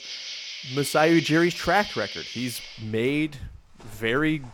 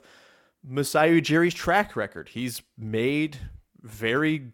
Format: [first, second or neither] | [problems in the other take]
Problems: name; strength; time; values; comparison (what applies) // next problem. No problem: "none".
second | animal sounds; loud; throughout; 10 dB below the speech